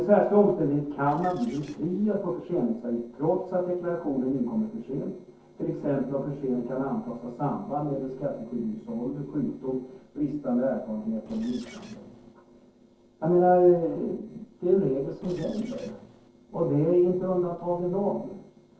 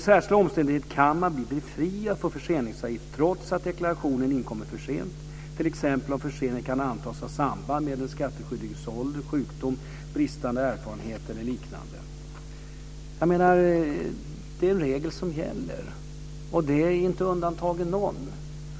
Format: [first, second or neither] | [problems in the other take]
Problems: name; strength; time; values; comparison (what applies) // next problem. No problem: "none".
second | noise reduction (neural separator model SepFormer DNS4)